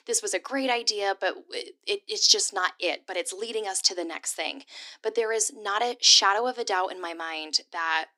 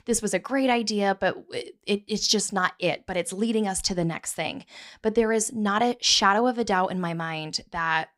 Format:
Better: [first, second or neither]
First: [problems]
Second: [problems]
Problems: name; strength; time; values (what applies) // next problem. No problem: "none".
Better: second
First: thin; somewhat; fading below 250 Hz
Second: none